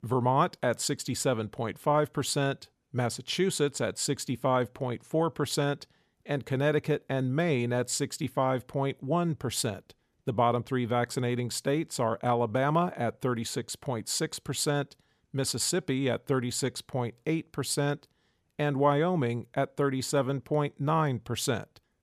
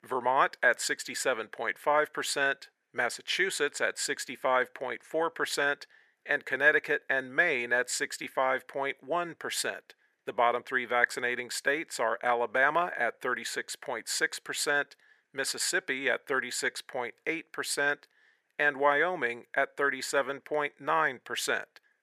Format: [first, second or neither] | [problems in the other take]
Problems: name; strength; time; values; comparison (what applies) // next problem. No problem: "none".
first | thin; very; fading below 500 Hz